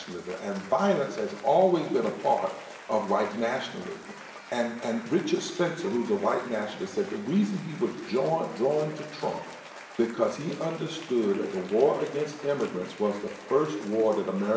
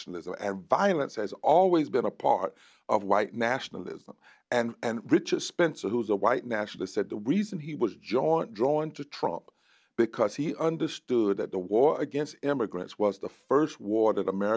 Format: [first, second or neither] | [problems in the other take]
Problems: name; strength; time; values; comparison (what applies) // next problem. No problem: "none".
second | background sound (Applause / Cheering); 17 dB below the speech // room echo; dies away in 0.9 s